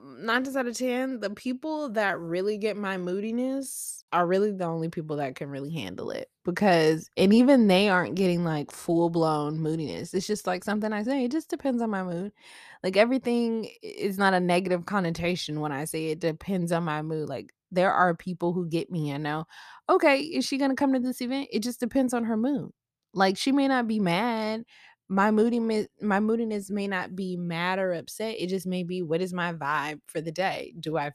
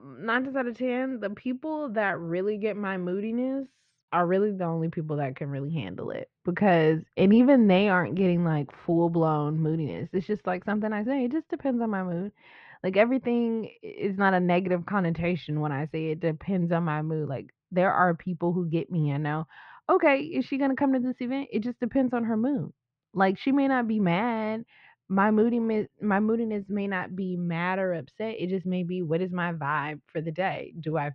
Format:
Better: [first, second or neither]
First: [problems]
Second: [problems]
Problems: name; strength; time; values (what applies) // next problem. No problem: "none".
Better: first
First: none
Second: muffled; very; fading above 3 kHz